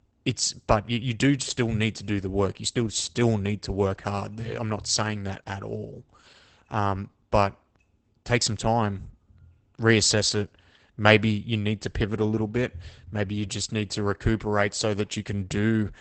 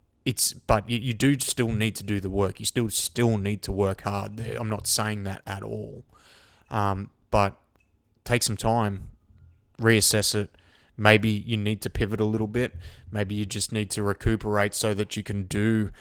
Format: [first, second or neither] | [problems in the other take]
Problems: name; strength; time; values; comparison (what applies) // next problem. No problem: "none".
second | garbled, watery; badly; nothing above 8 kHz; slightly in the second